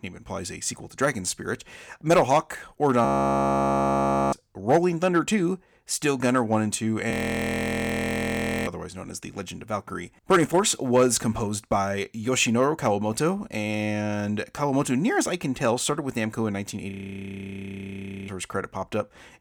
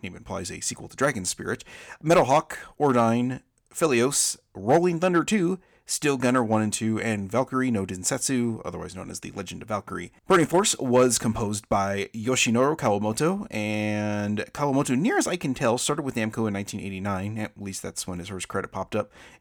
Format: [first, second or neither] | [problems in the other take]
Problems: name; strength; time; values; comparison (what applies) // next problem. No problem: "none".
second | audio freezing; at 3 s for 1.5 s, at 7 s for 1.5 s and at 17 s for 1.5 s